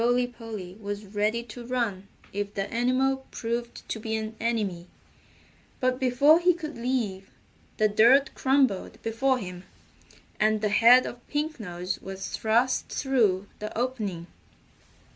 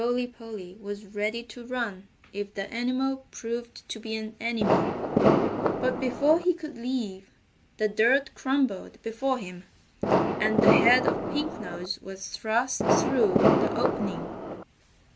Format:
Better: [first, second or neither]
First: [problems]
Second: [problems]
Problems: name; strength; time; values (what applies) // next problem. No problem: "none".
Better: first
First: none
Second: background sound (Fireworks); 5 dB above the speech